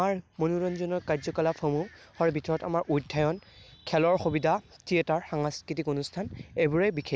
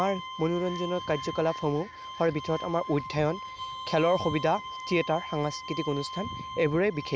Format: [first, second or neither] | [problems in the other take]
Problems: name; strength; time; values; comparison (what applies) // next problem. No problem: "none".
first | background sound (Bowed string instrument); 10 dB below the speech